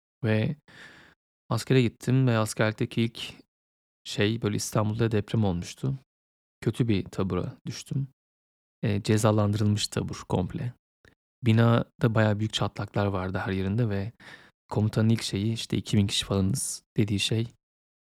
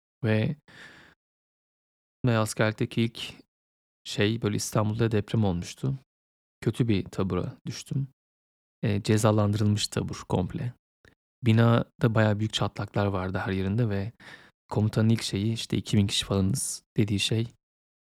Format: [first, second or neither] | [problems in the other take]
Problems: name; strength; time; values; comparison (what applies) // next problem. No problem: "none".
first | audio cutting out; at 1.5 s for 1 s